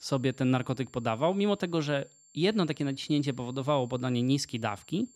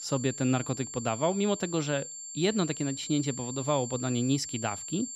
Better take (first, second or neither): first